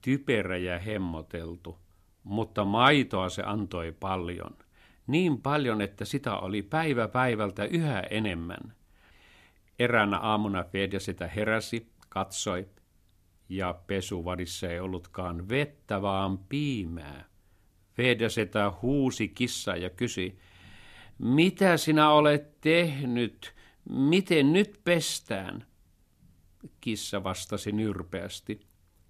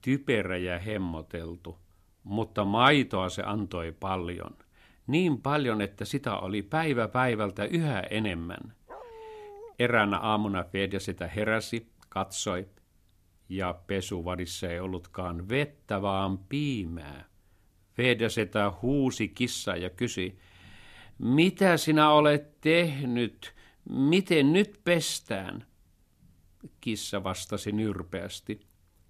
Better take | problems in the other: first | dog barking; faint; at 9 s; peak 15 dB below the speech

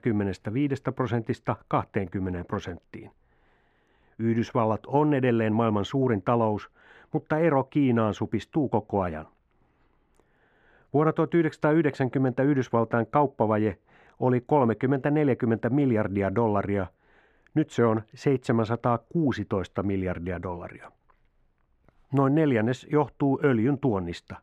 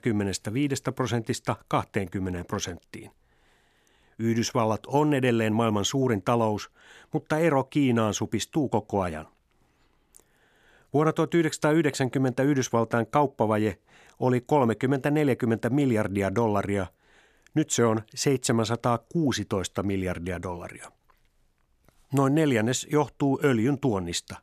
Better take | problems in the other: second | muffled; very; fading above 4 kHz

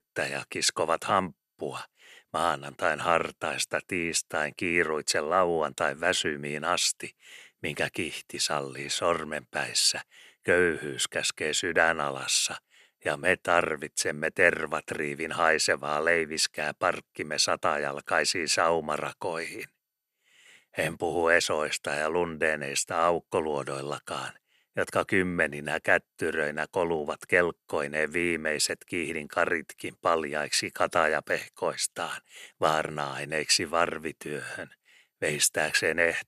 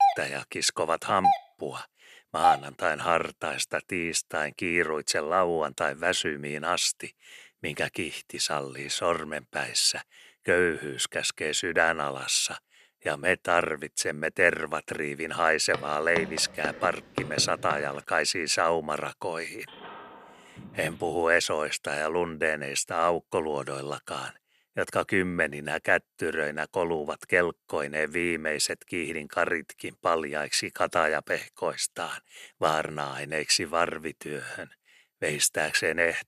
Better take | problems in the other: first | doorbell; loud; until 2.5 s; peak 3 dB above the speech // footsteps; noticeable; from 16 to 18 s; peak 7 dB below the speech // phone ringing; faint; from 20 to 21 s; peak 15 dB below the speech

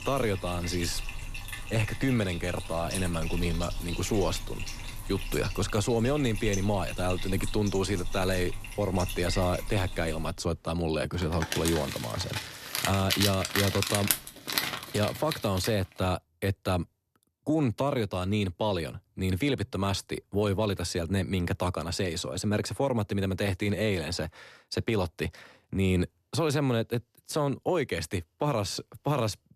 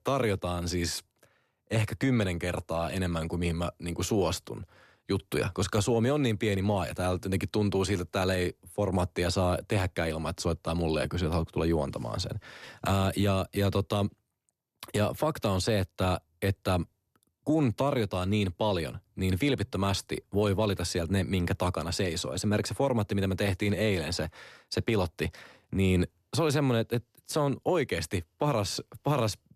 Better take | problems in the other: second | household noises; loud; until 16 s; 5 dB below the speech

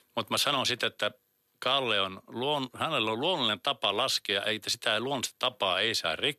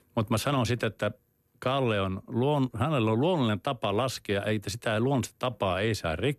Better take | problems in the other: second | thin; somewhat; fading below 950 Hz

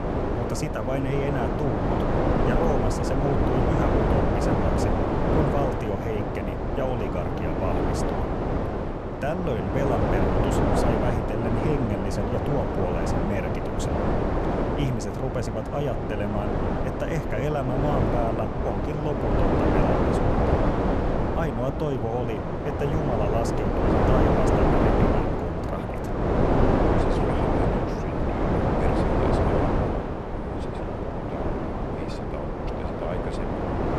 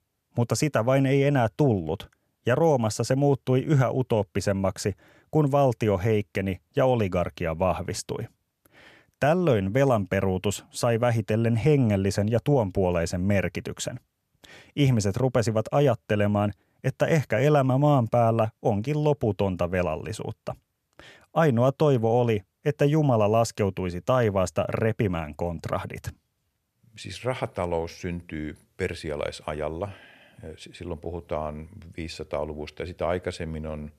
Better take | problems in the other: second | wind noise on the microphone; heavy; 5 dB above the speech

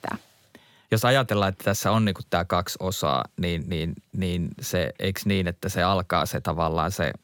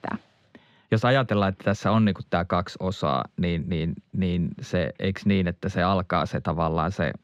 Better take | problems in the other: first | muffled; slightly; fading above 3.5 kHz

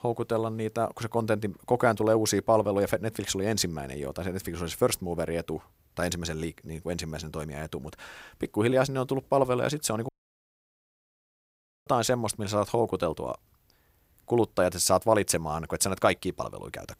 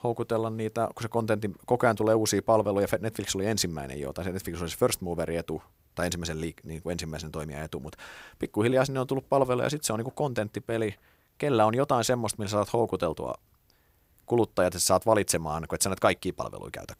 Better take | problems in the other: second | audio cutting out; at 10 s for 2 s

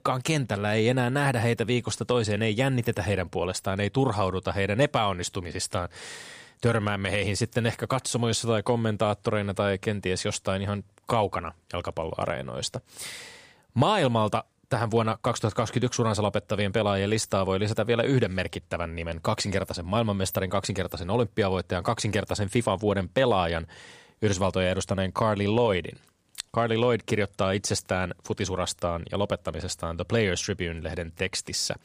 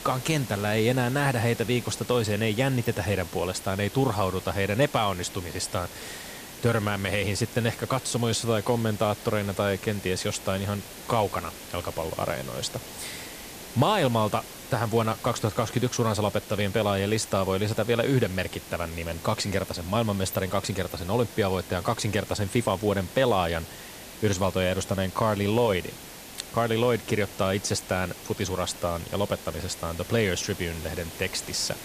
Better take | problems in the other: first | hiss; noticeable; throughout; 15 dB below the speech

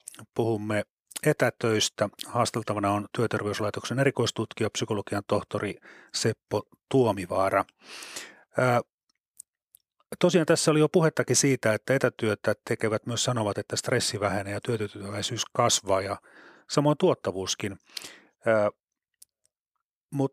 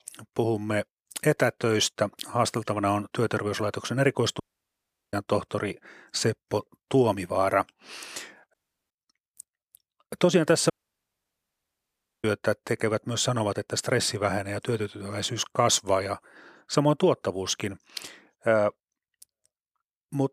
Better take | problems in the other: first | audio cutting out; at 4.5 s for 0.5 s, at 8.5 s and at 11 s for 1.5 s

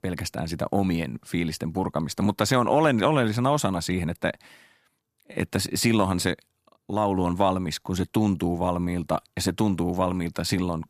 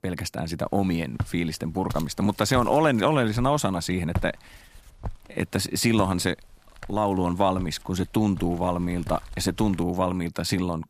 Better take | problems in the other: first | footsteps; noticeable; from 1 to 10 s; peak 8 dB below the speech

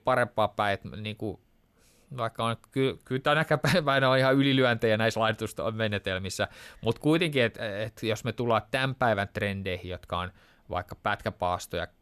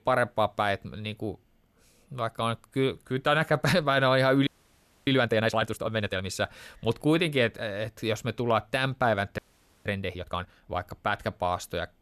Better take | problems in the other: first | audio freezing; at 4.5 s for 0.5 s and at 9.5 s

